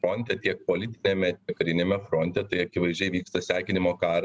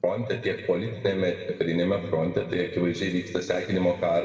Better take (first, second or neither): first